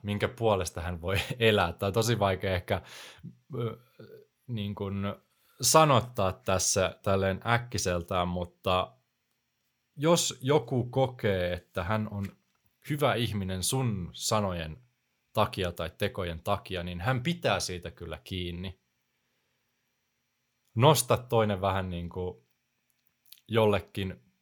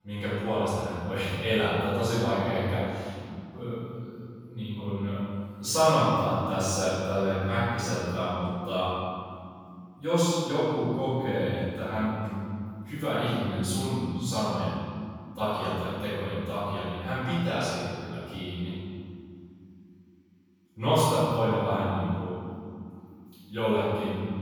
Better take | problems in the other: first | room echo; strong; dies away in 2.7 s // off-mic speech; far

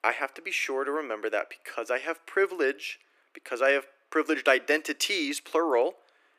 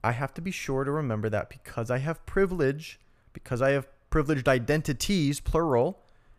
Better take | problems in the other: second | thin; somewhat; fading below 300 Hz

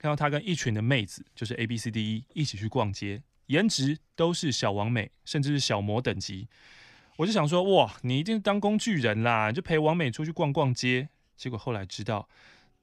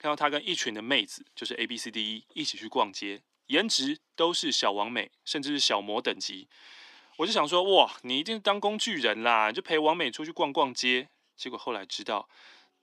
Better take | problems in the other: first | thin; somewhat; fading below 300 Hz

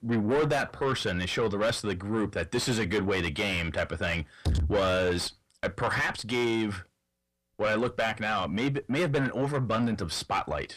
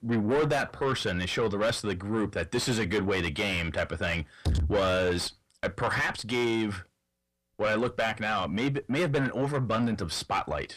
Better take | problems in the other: neither | distortion; heavy; 5 dB below the speech; the same in both

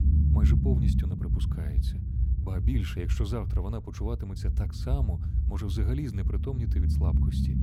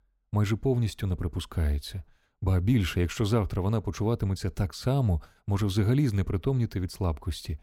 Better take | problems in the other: second | low rumble; loud; throughout; 1 dB below the speech

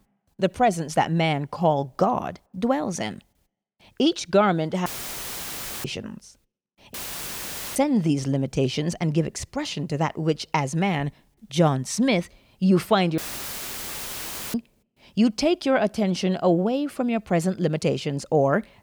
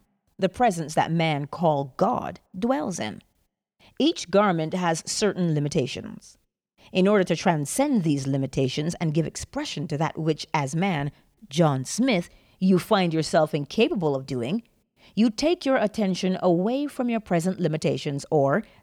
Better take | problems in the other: second | audio cutting out; filled with static; at 5 s for 1 s, at 7 s for 1 s and at 13 s for 1.5 s

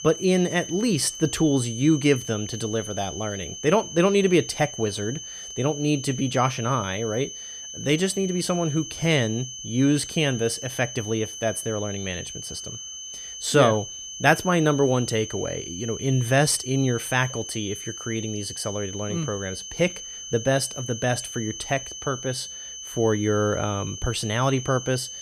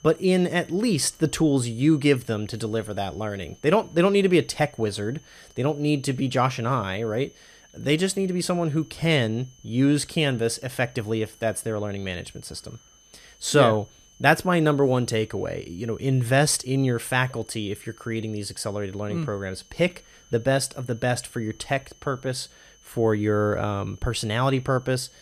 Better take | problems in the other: second | high-pitched whine; loud; throughout; 6.5 kHz, 10 dB below the speech; faint in the second

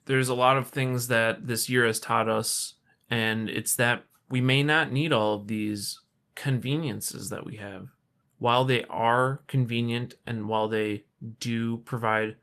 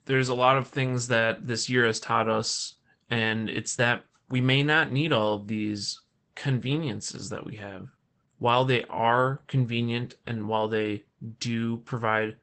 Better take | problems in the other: first | garbled, watery; badly; nothing above 8 kHz; slightly in the first

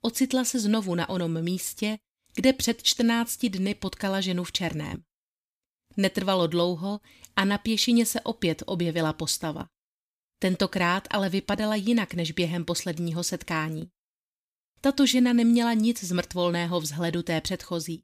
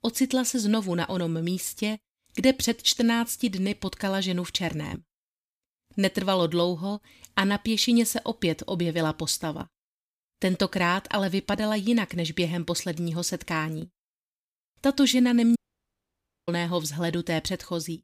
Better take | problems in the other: first | audio cutting out; at 16 s for 1 s

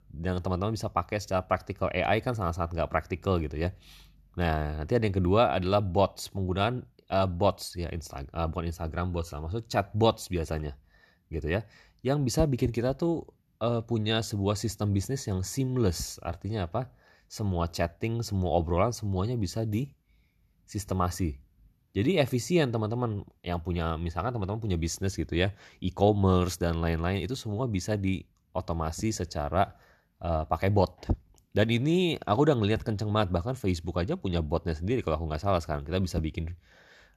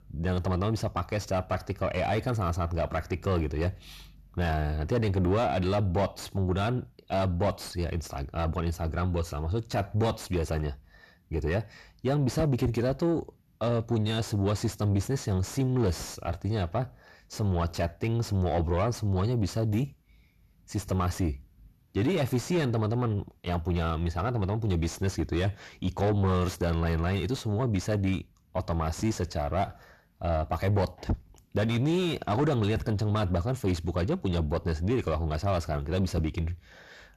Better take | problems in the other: first | distortion; heavy; 7 dB below the speech

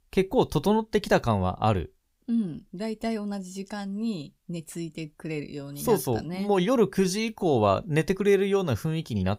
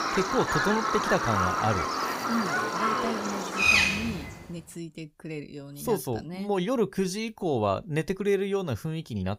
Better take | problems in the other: first | animal sounds; very loud; until 4 s; 4 dB above the speech

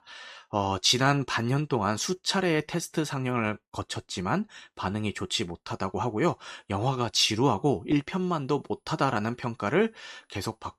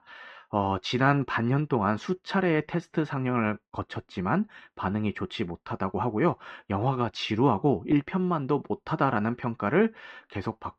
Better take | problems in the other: first | muffled; very; fading above 2 kHz

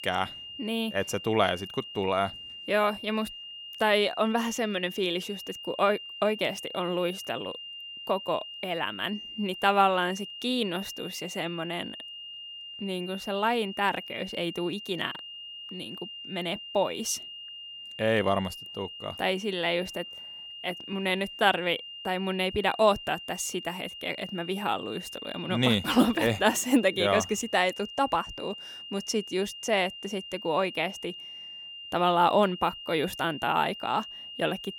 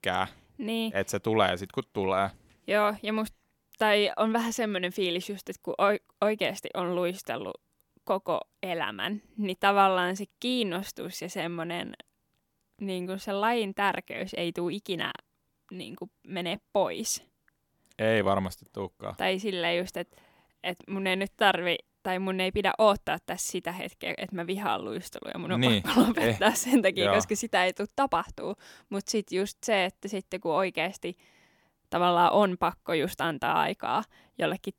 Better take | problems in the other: second | high-pitched whine; noticeable; throughout; 3 kHz, 10 dB below the speech

